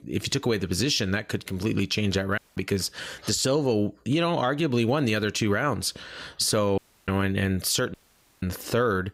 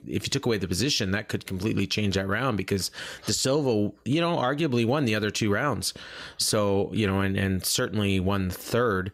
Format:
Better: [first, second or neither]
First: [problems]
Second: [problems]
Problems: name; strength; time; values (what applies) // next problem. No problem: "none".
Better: second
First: audio cutting out; at 2.5 s, at 7 s and at 8 s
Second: none